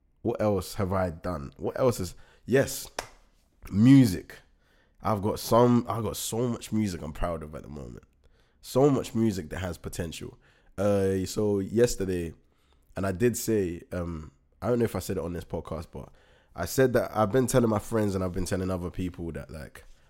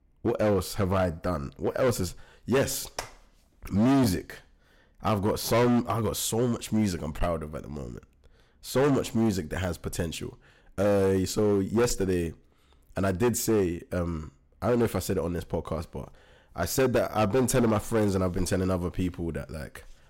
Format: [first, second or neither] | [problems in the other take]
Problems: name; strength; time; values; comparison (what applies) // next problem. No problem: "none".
first | distortion; heavy; 7% of the sound clipped